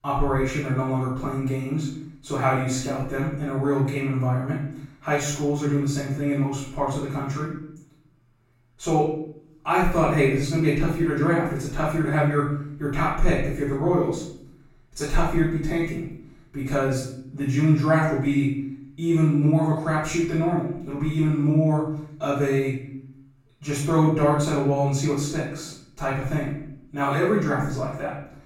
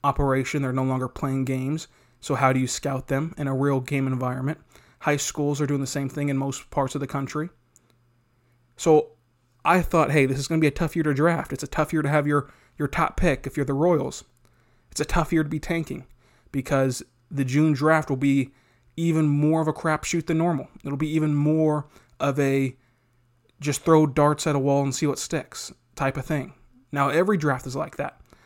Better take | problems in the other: second | off-mic speech; far // room echo; noticeable; dies away in 0.6 s

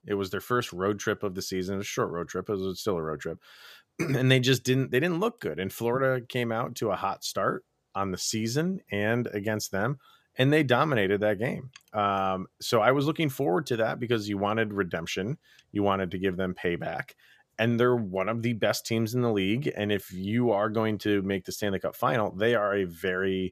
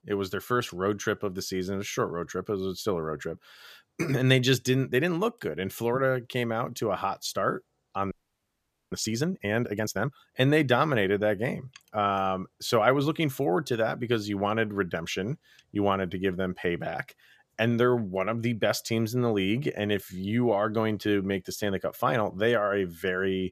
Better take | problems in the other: first | audio freezing; at 8 s for 1 s

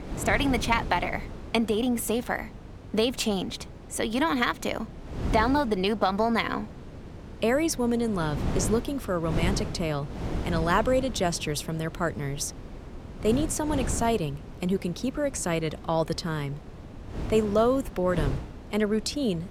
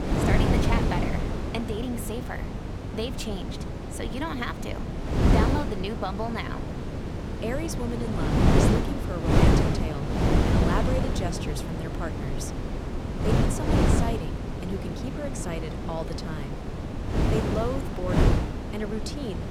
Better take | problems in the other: first | wind noise on the microphone; heavy; 2 dB above the speech; occasional gusts in the first

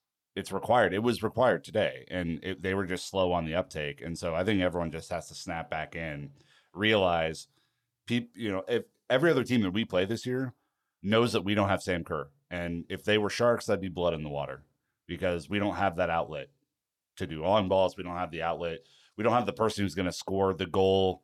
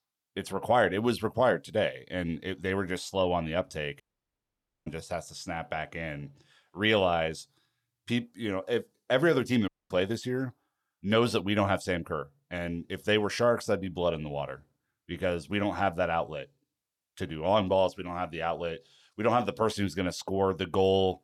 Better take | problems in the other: first | audio cutting out; at 4 s for 1 s and at 9.5 s

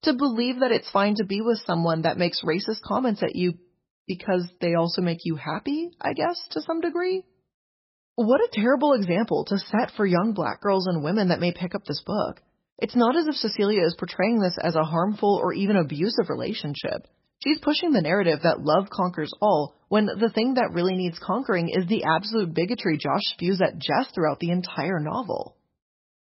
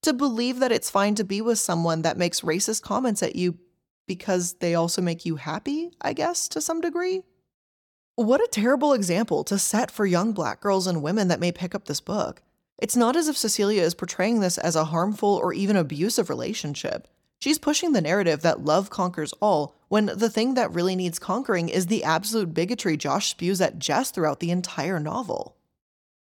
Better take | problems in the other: second | garbled, watery; badly; nothing above 5.5 kHz

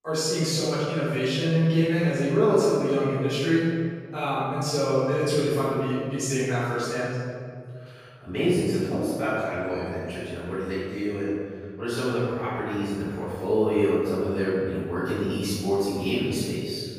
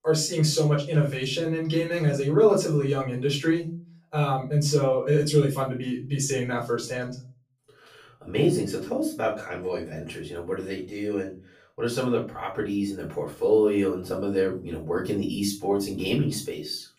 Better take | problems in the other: second | room echo; strong; dies away in 2.2 s; slight in the second // off-mic speech; far; far in the second

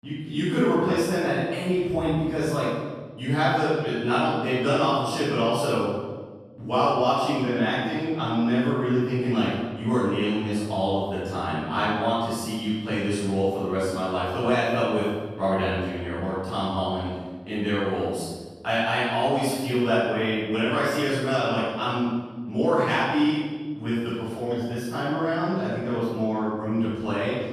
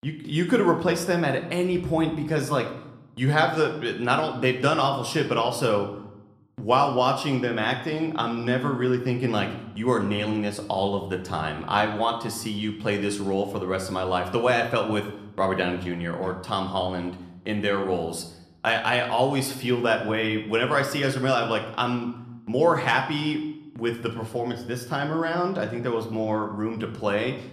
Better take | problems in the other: second | room echo; strong; dies away in 1.2 s; slight in the second // off-mic speech; far

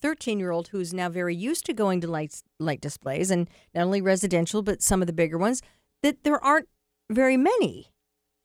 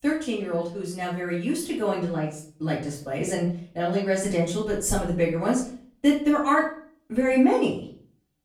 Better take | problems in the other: first | off-mic speech; far // room echo; slight; dies away in 0.4 s

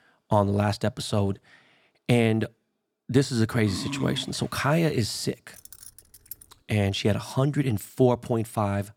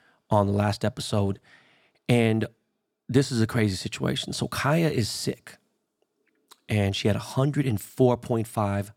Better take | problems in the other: second | dog barking; noticeable; at 3.5 s; peak 8 dB below the speech // jangling keys; faint; at 5.5 s; peak 15 dB below the speech

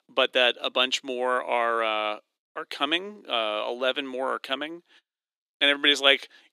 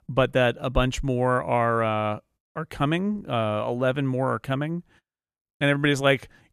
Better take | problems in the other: second | thin; somewhat; fading below 300 Hz

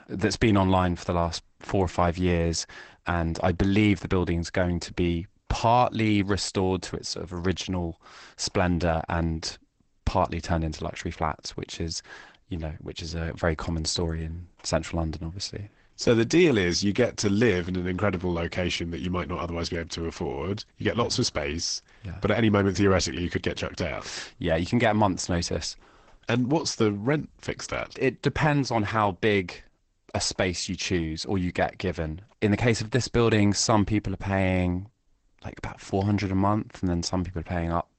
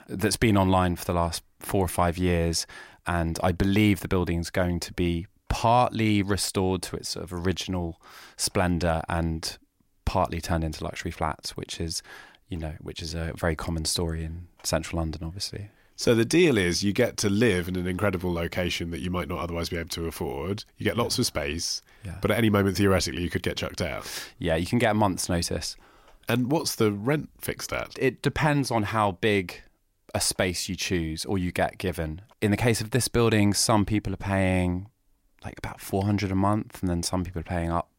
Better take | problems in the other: second | garbled, watery; badly; nothing above 8 kHz

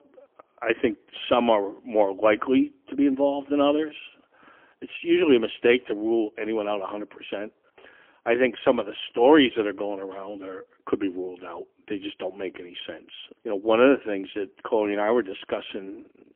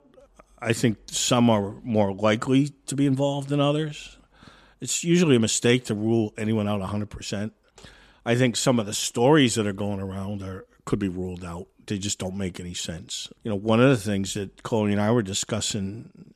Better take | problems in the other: second | phone-call audio; poor line; nothing above 3.5 kHz

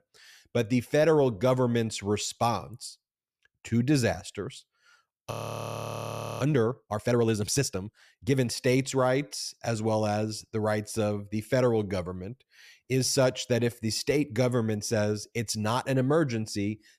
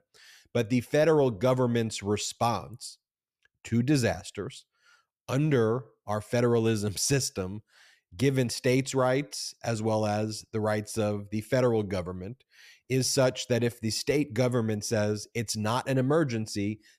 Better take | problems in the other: second | audio freezing; at 5.5 s for 1 s

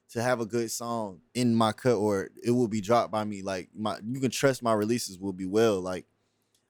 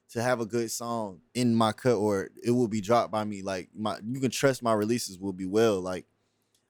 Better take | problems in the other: neither | none

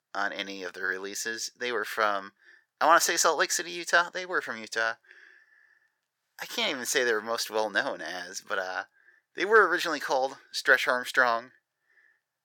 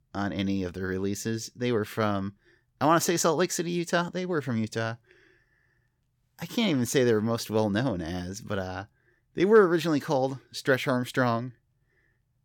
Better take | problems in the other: second | thin; very; fading below 650 Hz

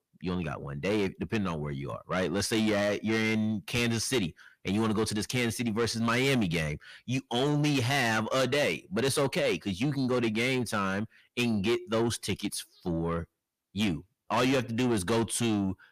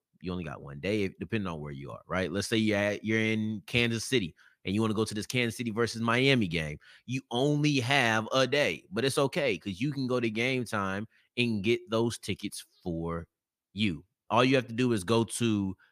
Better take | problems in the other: second | distortion; heavy; 7 dB below the speech

